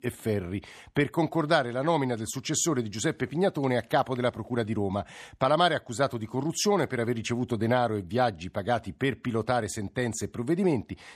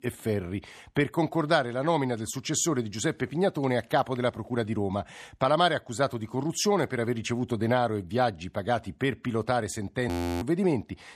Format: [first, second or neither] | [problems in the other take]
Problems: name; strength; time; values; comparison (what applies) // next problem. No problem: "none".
first | audio freezing; at 10 s